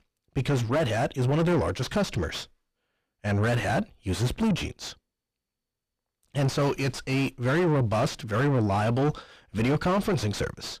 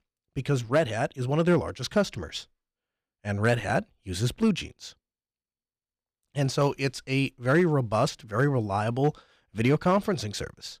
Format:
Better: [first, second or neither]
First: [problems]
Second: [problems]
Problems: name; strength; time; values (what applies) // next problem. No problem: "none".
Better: second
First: distortion; heavy; 5 dB below the speech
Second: none